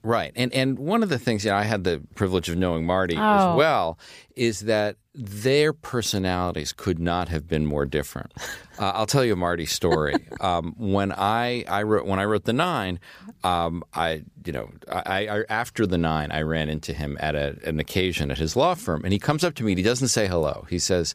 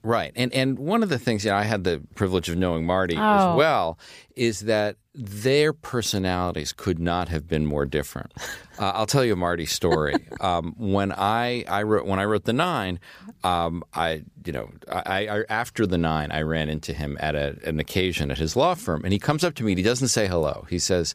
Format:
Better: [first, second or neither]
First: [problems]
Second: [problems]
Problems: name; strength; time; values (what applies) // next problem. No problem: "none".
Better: neither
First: none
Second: none